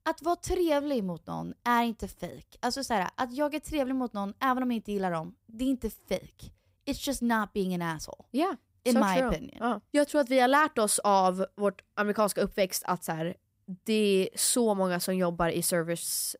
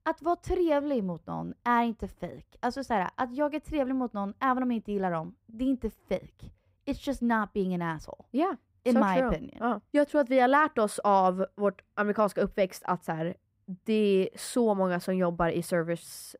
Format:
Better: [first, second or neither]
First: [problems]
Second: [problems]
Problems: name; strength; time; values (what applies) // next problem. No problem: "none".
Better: first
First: none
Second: muffled; slightly; fading above 3.5 kHz